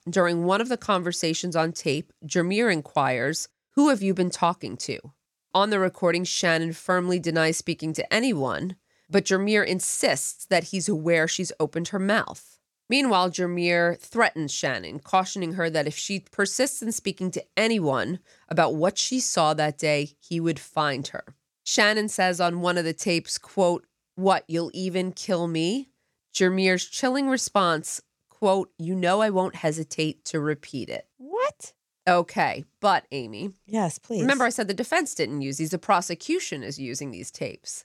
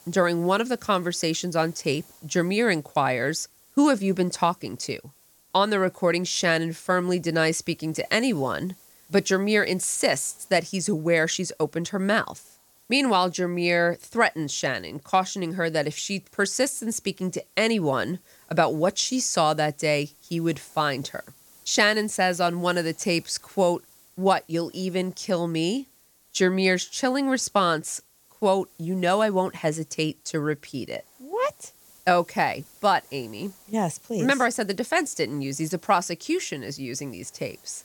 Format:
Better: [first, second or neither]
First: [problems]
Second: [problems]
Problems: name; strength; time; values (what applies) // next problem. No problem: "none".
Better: first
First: none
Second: hiss; faint; throughout; 30 dB below the speech